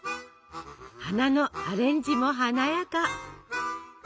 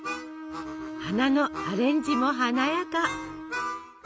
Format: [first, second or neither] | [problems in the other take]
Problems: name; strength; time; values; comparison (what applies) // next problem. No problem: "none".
first | background sound (Bowed string instrument); 11 dB below the speech